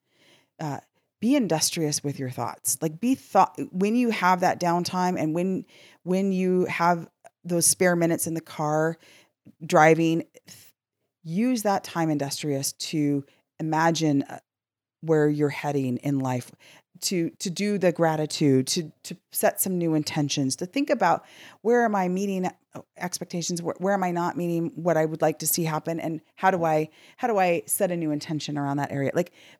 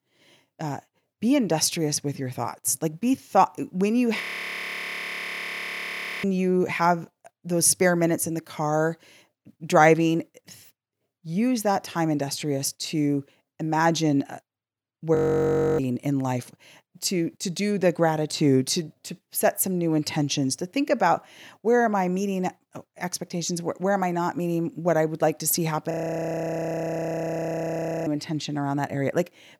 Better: first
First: none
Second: audio freezing; at 4 s for 2 s, at 15 s for 0.5 s and at 26 s for 2 s

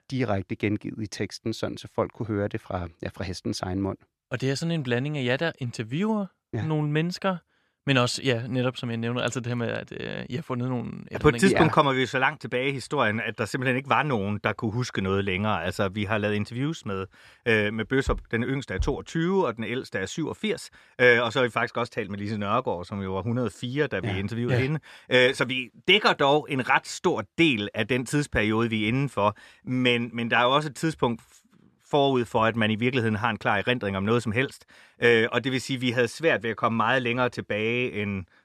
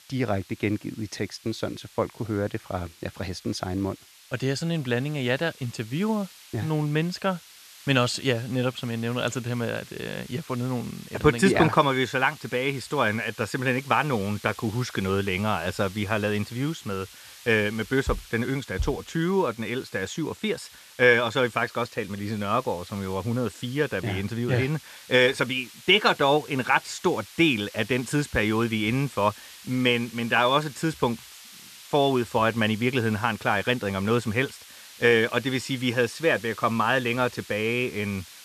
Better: first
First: none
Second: hiss; noticeable; throughout; 20 dB below the speech

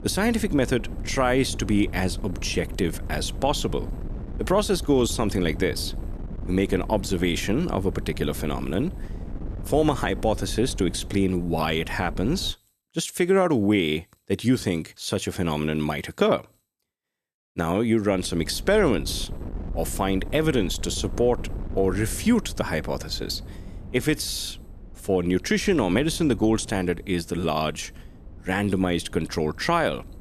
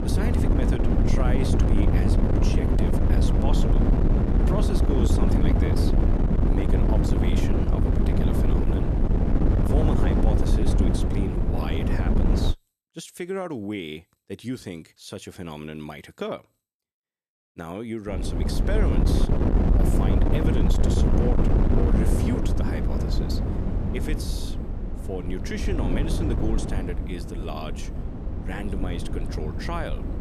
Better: first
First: wind noise on the microphone; occasional gusts; until 13 s and from 18 s on; 20 dB below the speech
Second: wind noise on the microphone; heavy; until 13 s and from 18 s on; 3 dB above the speech

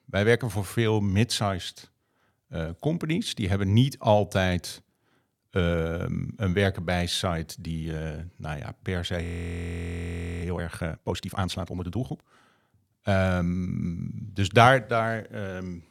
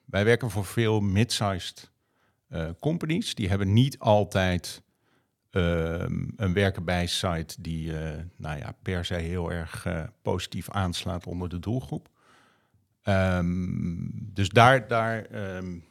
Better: second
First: audio freezing; at 9 s for 1 s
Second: none

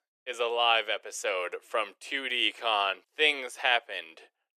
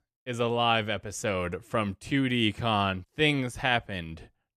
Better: second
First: thin; very; fading below 400 Hz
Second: none

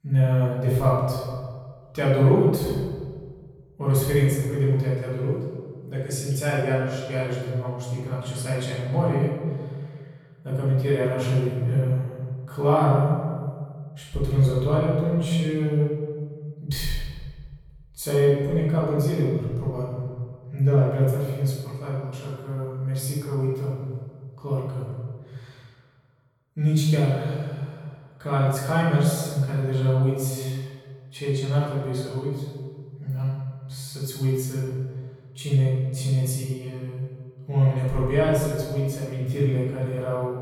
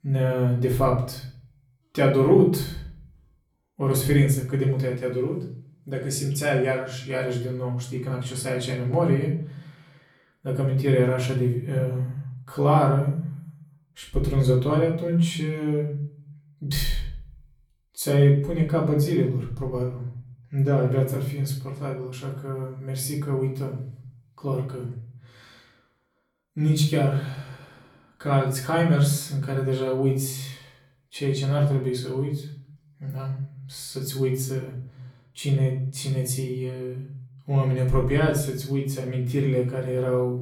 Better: second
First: room echo; strong; dies away in 1.6 s // off-mic speech; far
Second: room echo; slight; dies away in 0.5 s // off-mic speech; far

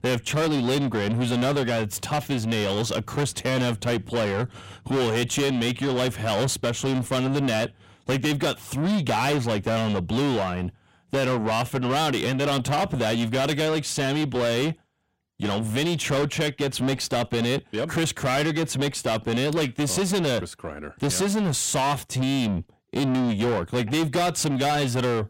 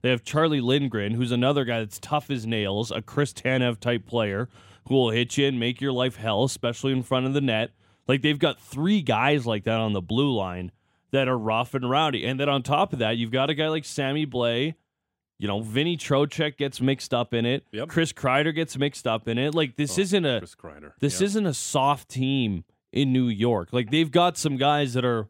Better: second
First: distortion; heavy; 6 dB below the speech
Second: none

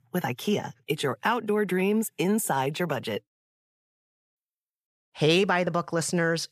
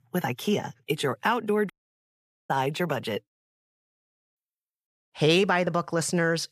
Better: first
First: none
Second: audio cutting out; at 1.5 s for 1 s

